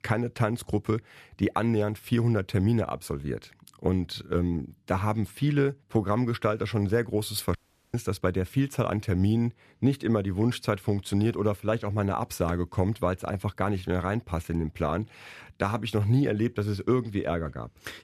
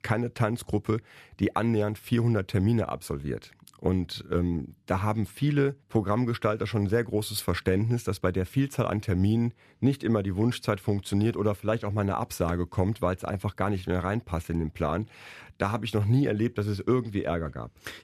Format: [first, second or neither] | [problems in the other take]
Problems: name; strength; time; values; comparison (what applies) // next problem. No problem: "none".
second | audio cutting out; at 7.5 s